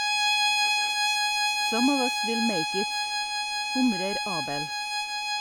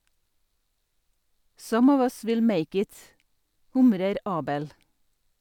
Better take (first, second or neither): second